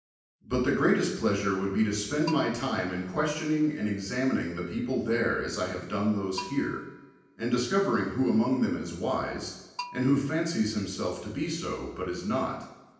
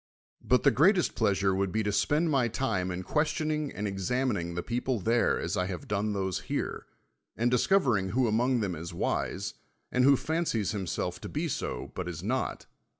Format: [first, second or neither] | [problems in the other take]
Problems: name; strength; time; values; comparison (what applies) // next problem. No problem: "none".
second | background sound (Bell); 19 dB below the speech // room echo; dies away in 0.9 s